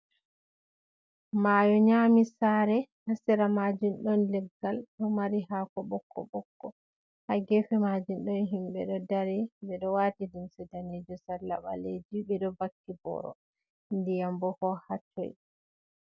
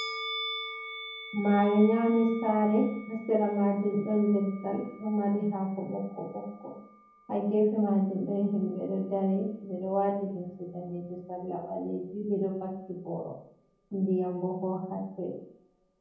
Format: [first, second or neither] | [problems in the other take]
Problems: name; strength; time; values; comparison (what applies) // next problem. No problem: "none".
first | background sound (Musical instrument); 16 dB below the speech // room echo; dies away in 0.7 s